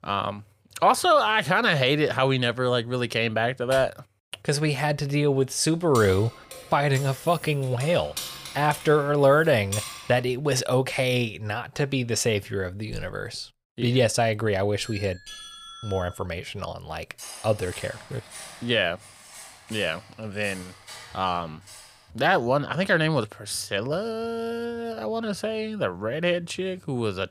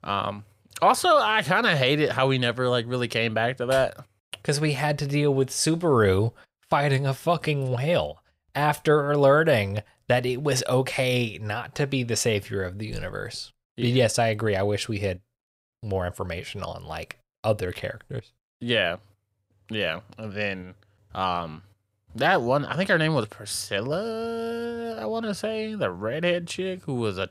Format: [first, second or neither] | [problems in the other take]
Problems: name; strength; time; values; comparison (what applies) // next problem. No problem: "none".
second | jangling keys; noticeable; from 6 to 10 s; peak 7 dB below the speech // doorbell; faint; from 15 to 16 s; peak 15 dB below the speech // clattering dishes; faint; from 17 to 22 s; peak 15 dB below the speech